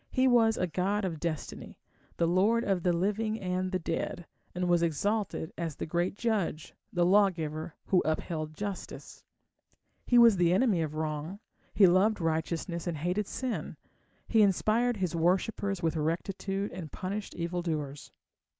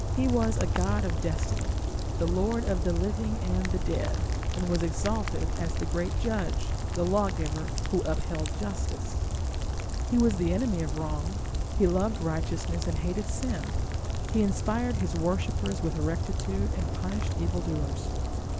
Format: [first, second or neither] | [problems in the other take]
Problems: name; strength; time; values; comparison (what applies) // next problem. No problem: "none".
first | background sound (Rain); 2 dB above the speech